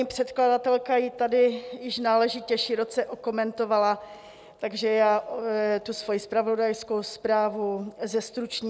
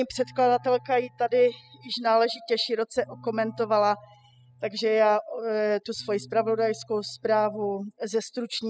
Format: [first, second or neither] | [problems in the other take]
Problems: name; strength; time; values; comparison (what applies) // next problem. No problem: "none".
first | noise reduction (classical method spectral subtraction)